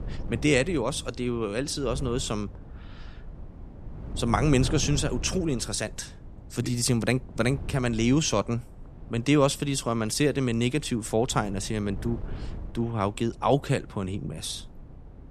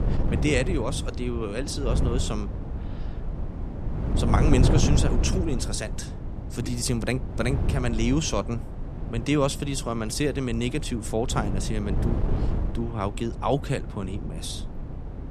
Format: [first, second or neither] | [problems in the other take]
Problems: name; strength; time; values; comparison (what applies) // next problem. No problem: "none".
first | wind noise on the microphone; heavy; 8 dB below the speech; occasional gusts in the first